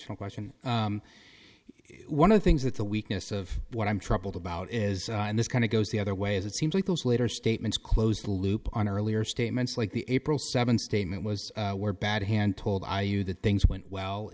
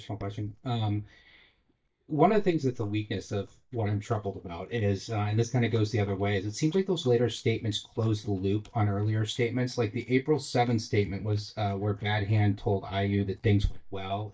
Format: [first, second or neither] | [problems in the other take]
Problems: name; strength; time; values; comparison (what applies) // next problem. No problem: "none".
first | noise reduction (neural mask model DeepFilterNet 3)